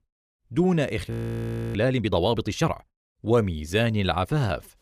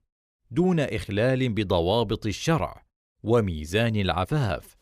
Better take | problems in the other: second | audio freezing; at 1 s for 0.5 s

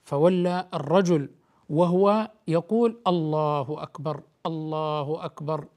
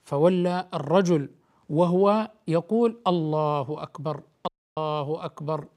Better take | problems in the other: first | audio cutting out; at 4.5 s

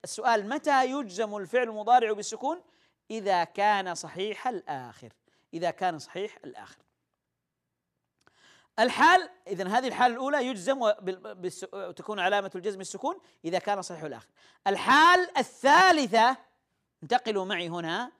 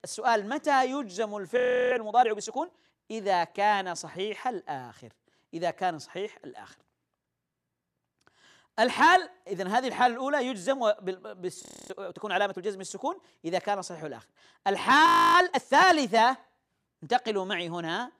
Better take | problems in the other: first | audio freezing; at 1.5 s, at 12 s and at 15 s

